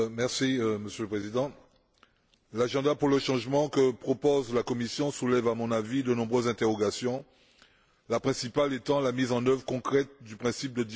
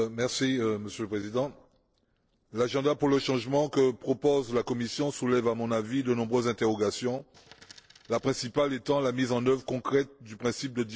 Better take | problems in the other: first | noise reduction (neural separator model SepFormer DNS4)

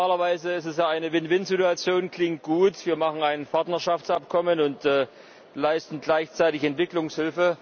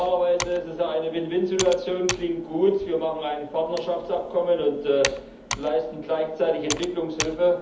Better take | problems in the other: first | background sound (Computer keyboard); 11 dB below the speech // room echo; dies away in 0.7 s

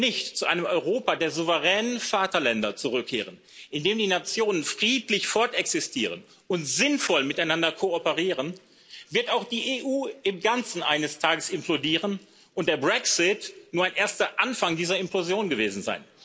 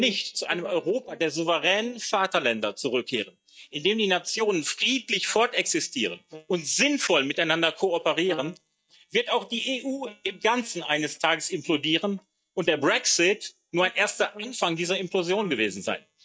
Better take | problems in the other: first | noise reduction (neural mask model DeepFilterNet 3)

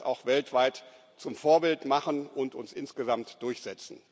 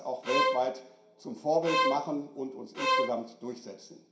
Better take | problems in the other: first | background sound (Bowed string instrument); 2 dB above the speech // room echo; dies away in 0.5 s

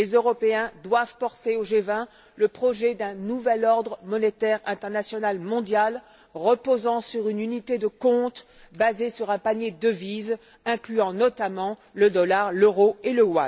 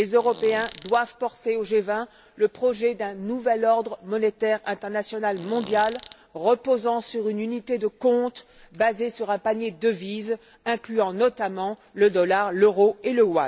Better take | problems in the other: first | background sound (Fart); 19 dB below the speech

